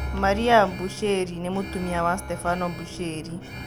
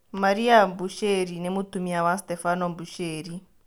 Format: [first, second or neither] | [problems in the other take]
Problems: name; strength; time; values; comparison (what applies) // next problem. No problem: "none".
second | background sound (Musical instrument + Alarm); 10 dB below the speech